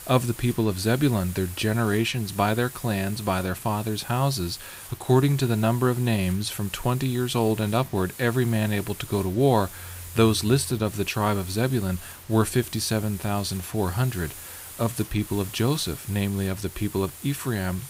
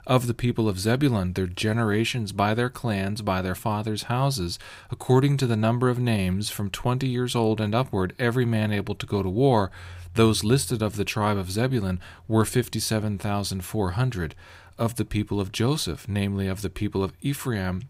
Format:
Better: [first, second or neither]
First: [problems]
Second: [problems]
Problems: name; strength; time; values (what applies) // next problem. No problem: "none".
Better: second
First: hiss; noticeable; throughout; 15 dB below the speech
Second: none